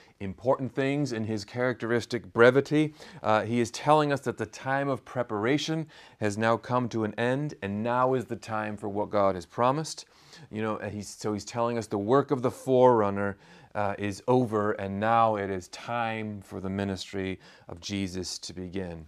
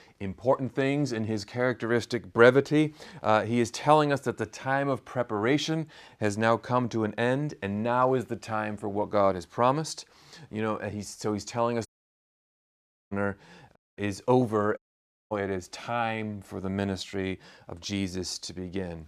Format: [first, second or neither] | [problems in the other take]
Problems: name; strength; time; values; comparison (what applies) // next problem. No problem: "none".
first | audio cutting out; at 12 s for 1.5 s, at 14 s and at 15 s for 0.5 s